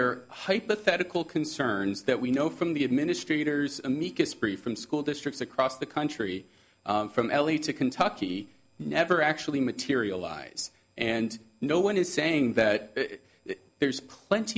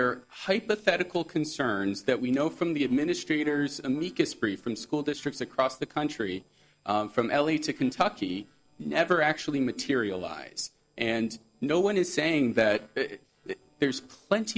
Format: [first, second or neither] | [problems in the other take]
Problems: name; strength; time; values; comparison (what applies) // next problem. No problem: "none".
first | noise reduction (neural separator model SepFormer DNS4)